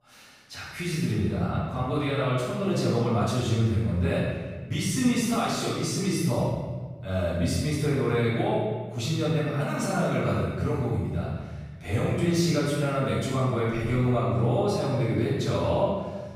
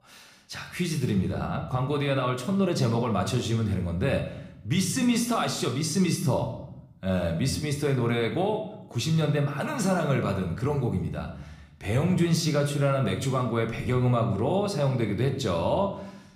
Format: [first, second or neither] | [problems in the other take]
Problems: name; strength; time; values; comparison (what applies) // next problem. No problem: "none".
second | room echo; strong; dies away in 1.2 s; slight in the second // off-mic speech; far